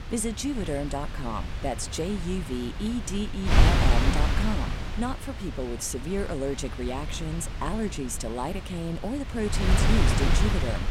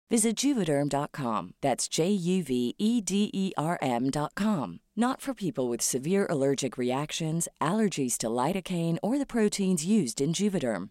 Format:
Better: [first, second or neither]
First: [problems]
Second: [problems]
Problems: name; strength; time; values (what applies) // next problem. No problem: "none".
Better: second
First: wind noise on the microphone; heavy; 1 dB below the speech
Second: none